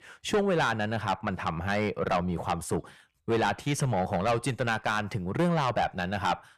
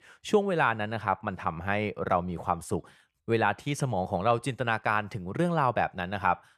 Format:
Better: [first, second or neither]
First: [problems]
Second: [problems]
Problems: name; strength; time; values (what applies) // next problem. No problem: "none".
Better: second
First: distortion; heavy; 6 dB below the speech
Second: none